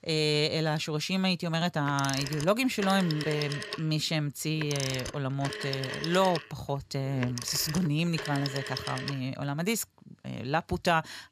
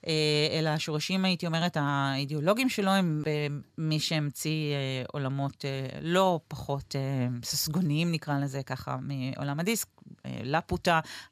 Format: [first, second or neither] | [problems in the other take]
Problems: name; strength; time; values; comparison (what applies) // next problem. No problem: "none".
second | phone ringing; noticeable; from 2 to 9 s; peak 5 dB below the speech